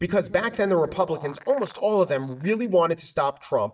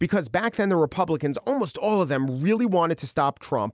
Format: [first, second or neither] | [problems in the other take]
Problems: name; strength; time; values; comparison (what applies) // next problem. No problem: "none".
second | noise reduction (neural mask model DeepFilterNet 3)